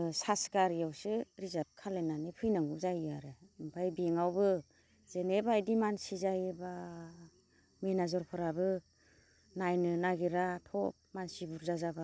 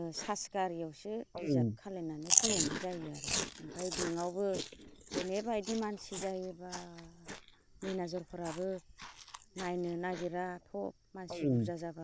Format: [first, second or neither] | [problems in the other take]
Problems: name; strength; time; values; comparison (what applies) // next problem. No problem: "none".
first | noise reduction (neural mask model Resemble Enhance denoiser)